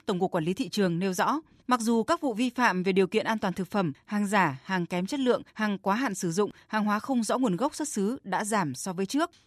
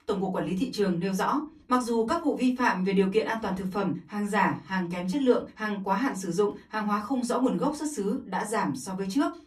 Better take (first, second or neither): first